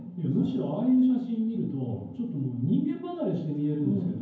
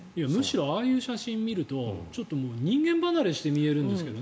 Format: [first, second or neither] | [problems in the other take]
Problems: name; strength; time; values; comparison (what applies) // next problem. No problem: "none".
second | room echo; dies away in 0.9 s